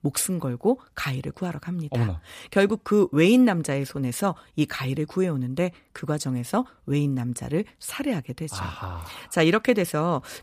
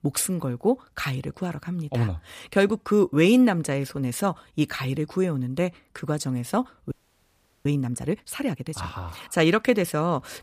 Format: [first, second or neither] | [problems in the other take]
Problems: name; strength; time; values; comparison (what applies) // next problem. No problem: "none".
first | audio freezing; at 7 s for 0.5 s